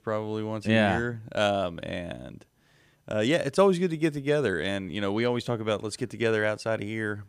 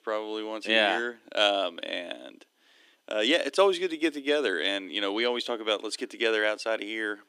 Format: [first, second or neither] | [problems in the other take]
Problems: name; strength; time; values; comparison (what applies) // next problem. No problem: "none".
first | thin; somewhat; fading below 300 Hz